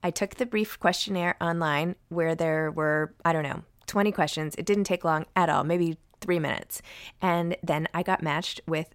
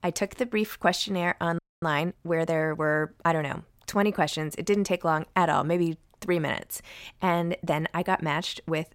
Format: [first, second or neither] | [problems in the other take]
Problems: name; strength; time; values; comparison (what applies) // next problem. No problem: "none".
first | audio freezing; at 1.5 s